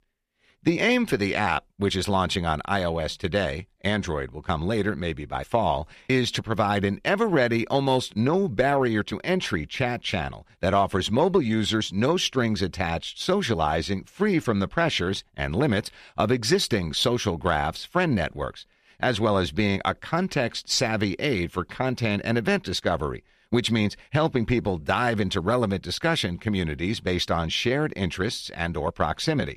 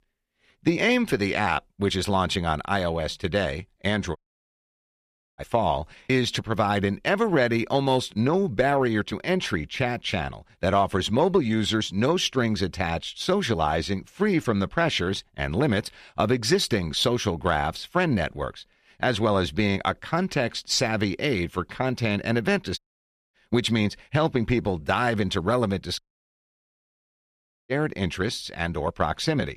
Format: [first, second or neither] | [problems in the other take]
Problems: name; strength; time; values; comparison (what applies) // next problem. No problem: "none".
first | audio cutting out; at 4 s for 1 s, at 23 s for 0.5 s and at 26 s for 1.5 s